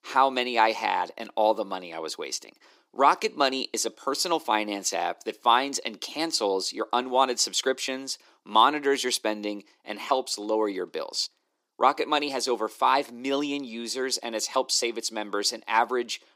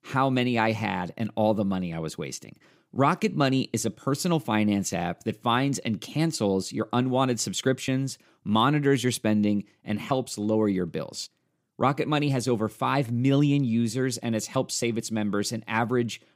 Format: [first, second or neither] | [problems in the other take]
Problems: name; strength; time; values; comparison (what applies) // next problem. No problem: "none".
second | thin; very; fading below 350 Hz